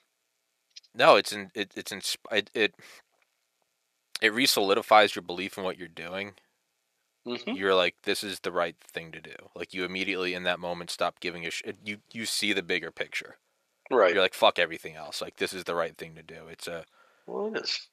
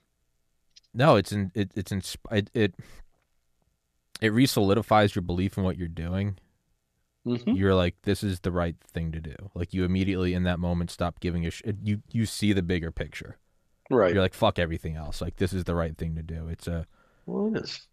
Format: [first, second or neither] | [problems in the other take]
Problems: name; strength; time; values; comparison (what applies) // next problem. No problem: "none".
second | thin; very; fading below 500 Hz